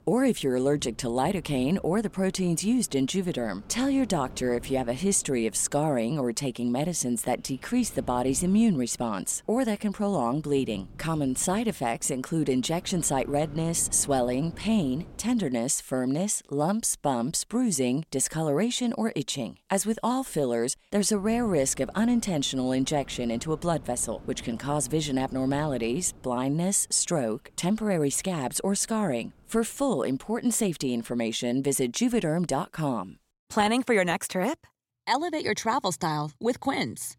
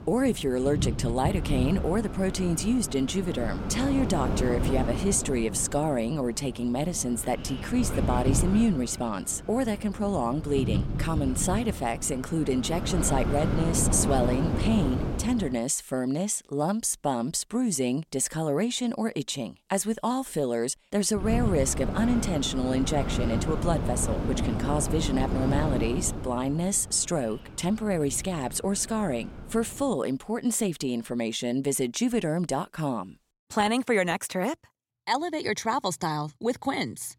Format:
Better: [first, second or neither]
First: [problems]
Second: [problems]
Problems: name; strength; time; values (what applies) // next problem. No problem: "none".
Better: first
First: wind noise on the microphone; occasional gusts; until 16 s and from 21 to 30 s; 25 dB below the speech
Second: wind noise on the microphone; heavy; until 16 s and from 21 to 30 s; 7 dB below the speech